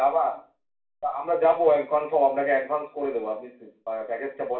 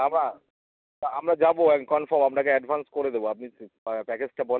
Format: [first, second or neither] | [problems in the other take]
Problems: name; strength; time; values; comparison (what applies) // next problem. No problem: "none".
second | room echo; dies away in 0.4 s